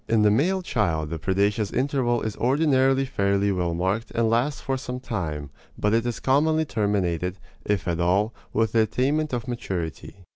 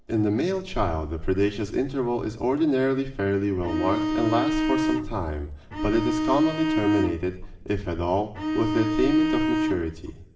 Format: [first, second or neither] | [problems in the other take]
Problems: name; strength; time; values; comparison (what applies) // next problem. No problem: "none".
first | background sound (Bowed string instrument); 1 dB below the speech // room echo; dies away in 1.5 s